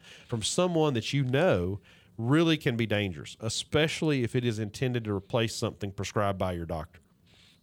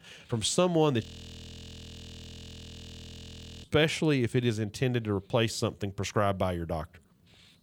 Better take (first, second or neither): first